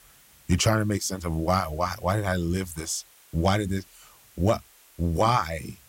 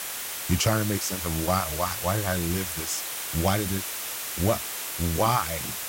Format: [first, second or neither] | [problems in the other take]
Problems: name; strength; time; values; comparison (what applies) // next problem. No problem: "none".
first | hiss; loud; throughout; 3 dB below the speech; faint in the first